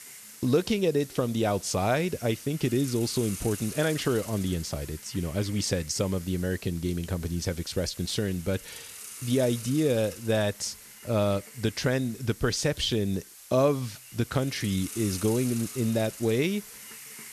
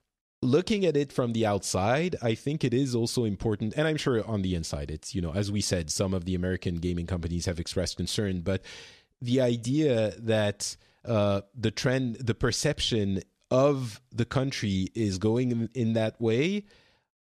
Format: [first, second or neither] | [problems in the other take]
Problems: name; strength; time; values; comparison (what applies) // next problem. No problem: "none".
second | hiss; noticeable; throughout; 15 dB below the speech